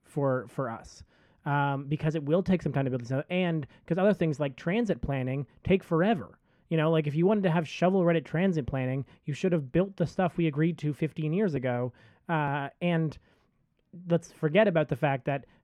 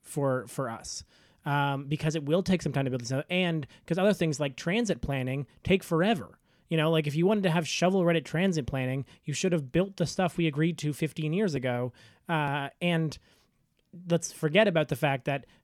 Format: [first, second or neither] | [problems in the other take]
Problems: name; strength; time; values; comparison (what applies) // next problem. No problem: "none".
second | muffled; slightly; fading above 3 kHz